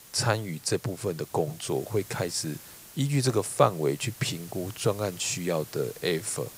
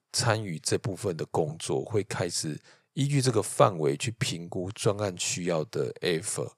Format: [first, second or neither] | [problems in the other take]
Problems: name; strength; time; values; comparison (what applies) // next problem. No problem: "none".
second | hiss; noticeable; throughout; 15 dB below the speech